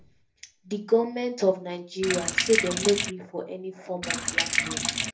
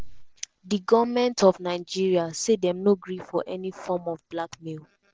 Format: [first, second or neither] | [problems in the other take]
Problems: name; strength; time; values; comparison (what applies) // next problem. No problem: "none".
second | background sound (Sink (filling or washing)); 1 dB above the speech // room echo; dies away in 0.3 s